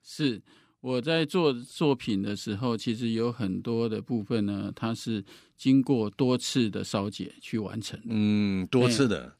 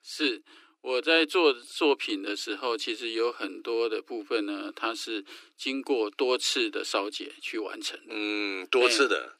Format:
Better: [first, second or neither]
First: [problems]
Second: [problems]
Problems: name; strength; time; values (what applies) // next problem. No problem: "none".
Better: first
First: none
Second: thin; very; fading below 300 Hz